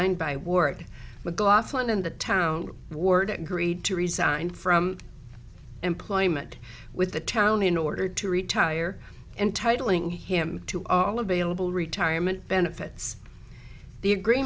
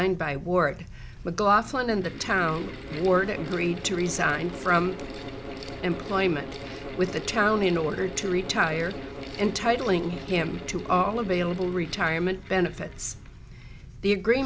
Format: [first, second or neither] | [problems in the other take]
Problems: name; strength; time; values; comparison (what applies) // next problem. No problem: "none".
first | background sound (Mechanical fan); 13 dB below the speech